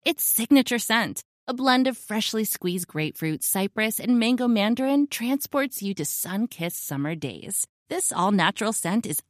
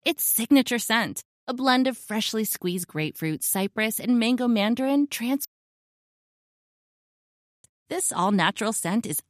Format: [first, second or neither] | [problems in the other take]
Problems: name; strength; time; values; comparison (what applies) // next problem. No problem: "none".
first | audio cutting out; at 5.5 s for 2 s